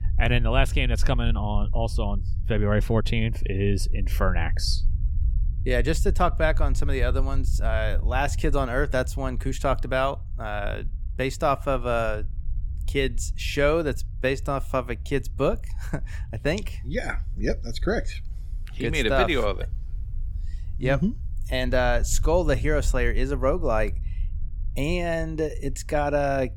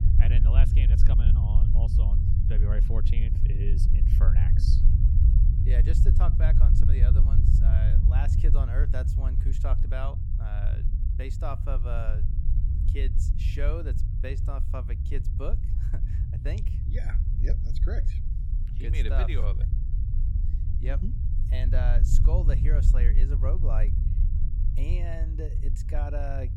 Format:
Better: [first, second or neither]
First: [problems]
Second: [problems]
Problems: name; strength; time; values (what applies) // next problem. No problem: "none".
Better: first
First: low rumble; faint; throughout; 25 dB below the speech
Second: low rumble; loud; throughout; 3 dB below the speech